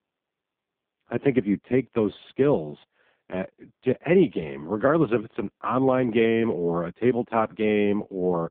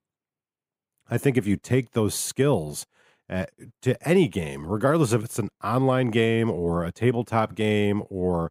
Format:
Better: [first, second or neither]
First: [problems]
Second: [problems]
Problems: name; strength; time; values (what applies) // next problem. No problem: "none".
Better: second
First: phone-call audio; poor line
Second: none